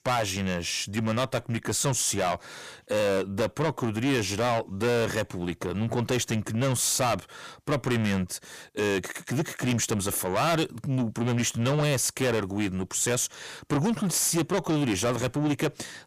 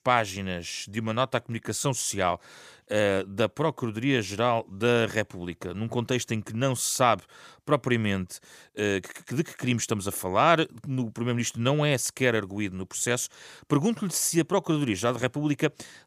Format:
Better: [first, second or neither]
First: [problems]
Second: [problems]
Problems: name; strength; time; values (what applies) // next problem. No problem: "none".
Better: second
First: distortion; heavy; 5 dB below the speech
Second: none